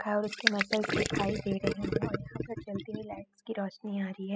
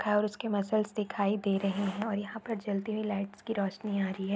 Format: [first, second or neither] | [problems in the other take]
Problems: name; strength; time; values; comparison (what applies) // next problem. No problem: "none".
second | noise reduction (classical method spectral subtraction)